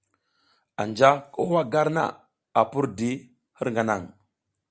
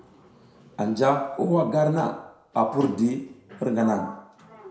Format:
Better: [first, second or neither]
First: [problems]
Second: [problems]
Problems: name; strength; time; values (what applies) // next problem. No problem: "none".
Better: first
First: none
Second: background sound (Sliding door); 20 dB below the speech // room echo; dies away in 0.6 s